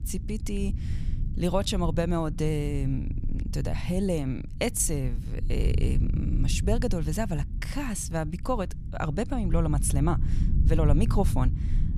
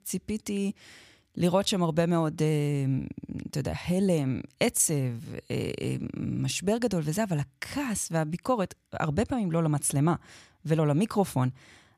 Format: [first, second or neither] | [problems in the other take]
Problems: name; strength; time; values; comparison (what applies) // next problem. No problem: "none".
second | low rumble; noticeable; throughout; 15 dB below the speech